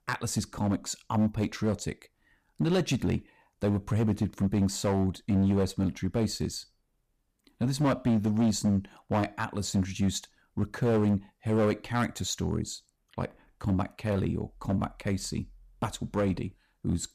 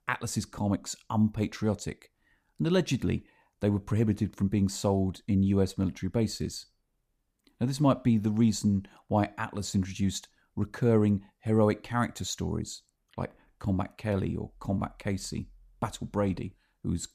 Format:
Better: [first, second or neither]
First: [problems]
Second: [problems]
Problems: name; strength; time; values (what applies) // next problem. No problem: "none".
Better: second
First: distortion; slight; 6% of the sound clipped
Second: none